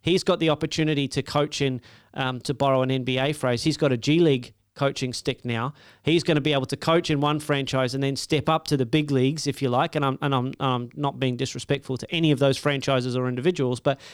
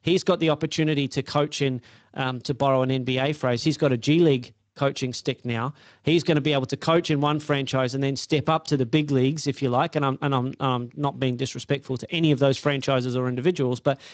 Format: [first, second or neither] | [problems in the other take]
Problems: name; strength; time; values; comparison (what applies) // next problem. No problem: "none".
first | garbled, watery; slightly; nothing above 7.5 kHz